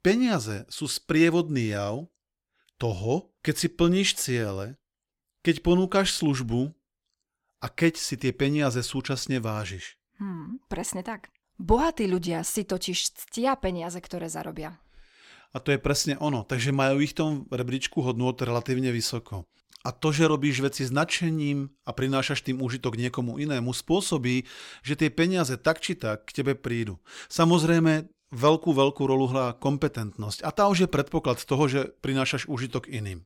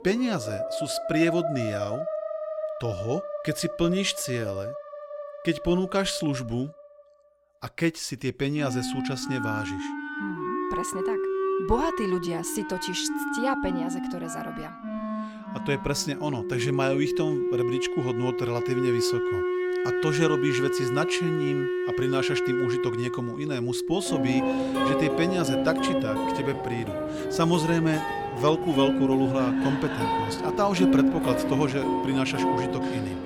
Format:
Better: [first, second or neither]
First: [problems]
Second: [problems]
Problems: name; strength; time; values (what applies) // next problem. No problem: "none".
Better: first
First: none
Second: background music; loud; throughout; as loud as the speech